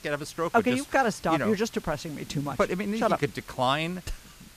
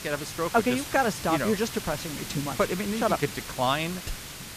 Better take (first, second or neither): first